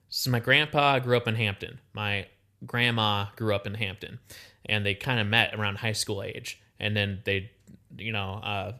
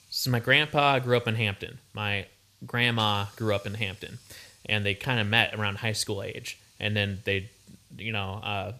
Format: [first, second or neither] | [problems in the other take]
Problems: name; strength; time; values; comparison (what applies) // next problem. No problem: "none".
first | hiss; faint; throughout; 25 dB below the speech